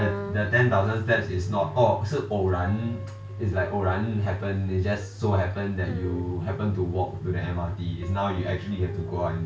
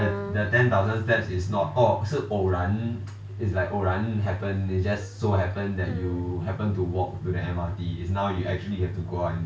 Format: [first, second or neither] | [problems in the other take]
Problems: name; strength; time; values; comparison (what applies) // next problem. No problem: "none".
second | background sound (Guitar); 19 dB below the speech